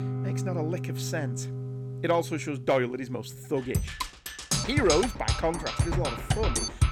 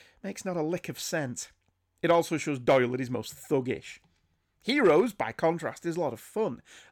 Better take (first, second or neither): second